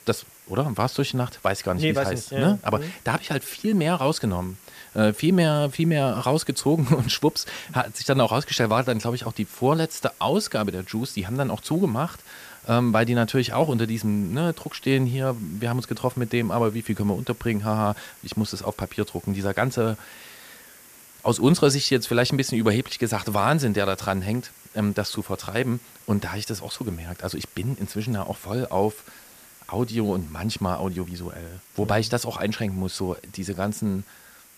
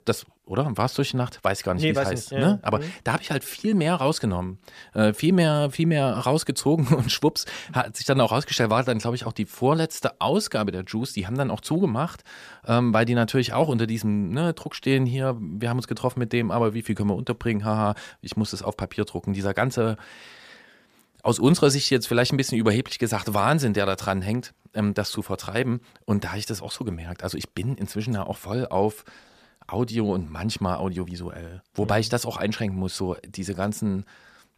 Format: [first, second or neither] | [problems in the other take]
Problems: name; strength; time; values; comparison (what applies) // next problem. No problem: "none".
second | hiss; faint; throughout; 20 dB below the speech